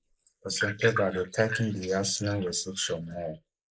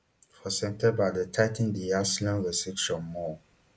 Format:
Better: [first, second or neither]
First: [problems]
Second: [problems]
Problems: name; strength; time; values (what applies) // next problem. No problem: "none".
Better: second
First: noise reduction (neural mask model Resemble Enhance denoiser)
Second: none